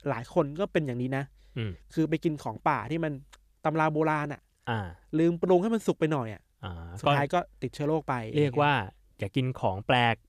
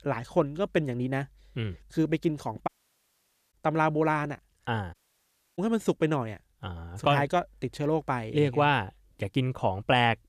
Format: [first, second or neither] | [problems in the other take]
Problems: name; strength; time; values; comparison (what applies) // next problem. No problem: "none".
first | audio cutting out; at 2.5 s for 1 s and at 5 s for 0.5 s